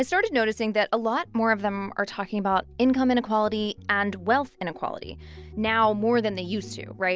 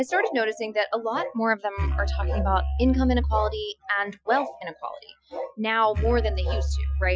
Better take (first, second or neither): first